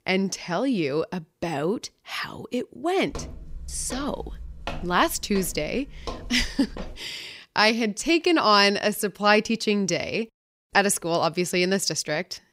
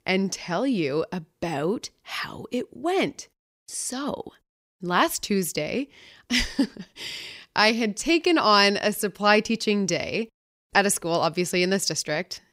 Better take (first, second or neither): second